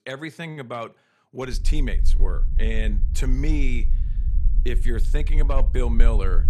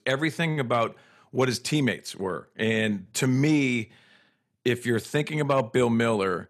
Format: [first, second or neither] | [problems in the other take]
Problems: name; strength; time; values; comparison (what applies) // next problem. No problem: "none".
second | low rumble; noticeable; from 1.5 s on; 15 dB below the speech